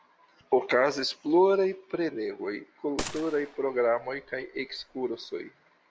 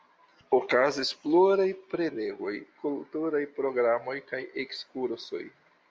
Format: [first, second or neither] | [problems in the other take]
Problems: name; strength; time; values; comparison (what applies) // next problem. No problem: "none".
second | background sound (Gunshot, gunfire); 14 dB below the speech